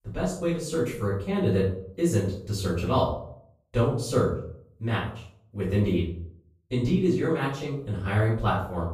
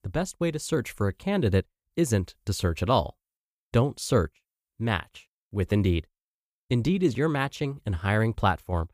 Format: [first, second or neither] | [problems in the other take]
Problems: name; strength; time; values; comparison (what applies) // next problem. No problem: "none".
second | off-mic speech; far // room echo; noticeable; dies away in 0.5 s